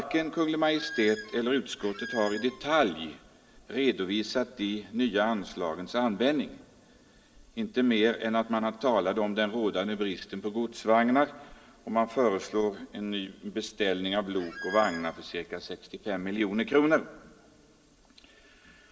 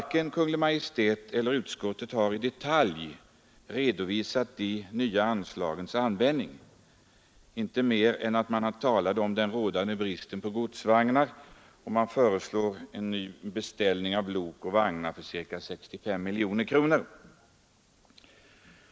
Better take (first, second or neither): second